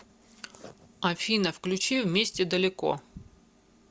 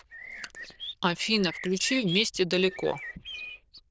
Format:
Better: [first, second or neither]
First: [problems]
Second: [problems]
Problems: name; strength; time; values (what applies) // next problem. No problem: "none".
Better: first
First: none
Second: noise reduction (neural diffusion model UNIVERSE++)